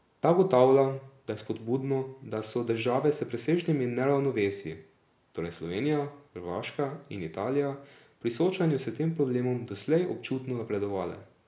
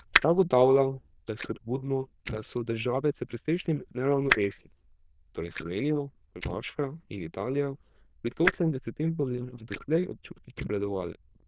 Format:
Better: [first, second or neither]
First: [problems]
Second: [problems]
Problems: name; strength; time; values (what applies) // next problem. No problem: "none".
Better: first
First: none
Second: noise reduction (neural diffusion model UNIVERSE++)